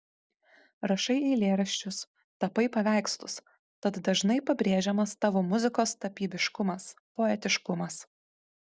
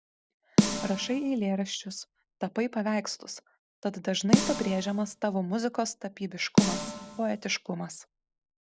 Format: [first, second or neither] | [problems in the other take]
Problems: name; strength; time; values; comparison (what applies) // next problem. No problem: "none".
first | background sound (Snare drum); 1 dB above the speech